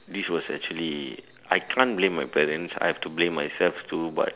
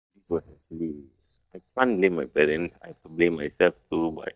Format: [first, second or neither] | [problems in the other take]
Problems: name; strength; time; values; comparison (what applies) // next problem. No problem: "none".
first | noise reduction (neural mask model DeepFilterNet 3)